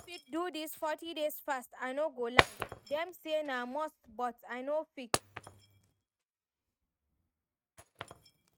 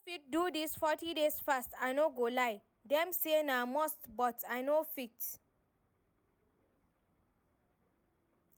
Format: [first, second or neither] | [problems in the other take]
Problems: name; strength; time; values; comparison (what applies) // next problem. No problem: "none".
second | noise reduction (neural mask model RNNoise)